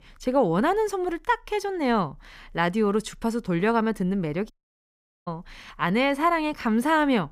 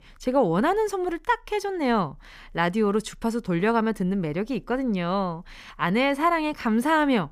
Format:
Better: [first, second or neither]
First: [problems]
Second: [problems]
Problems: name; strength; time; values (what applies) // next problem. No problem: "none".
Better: second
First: audio cutting out; at 4.5 s for 1 s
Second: none